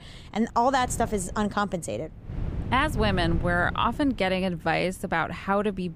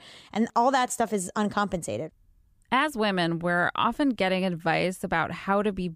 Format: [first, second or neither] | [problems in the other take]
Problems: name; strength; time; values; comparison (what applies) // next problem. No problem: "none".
second | wind noise on the microphone; occasional gusts; 20 dB below the speech